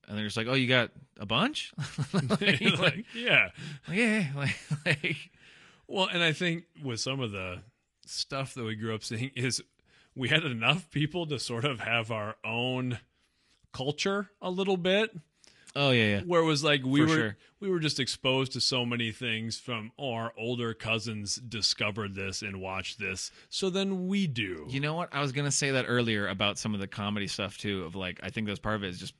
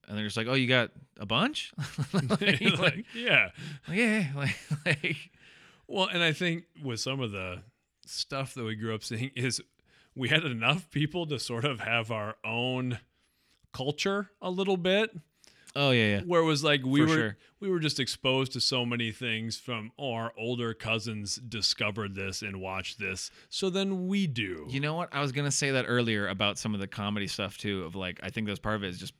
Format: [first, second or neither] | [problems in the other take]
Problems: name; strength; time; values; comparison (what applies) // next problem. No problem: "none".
second | garbled, watery; slightly; nothing above 10.5 kHz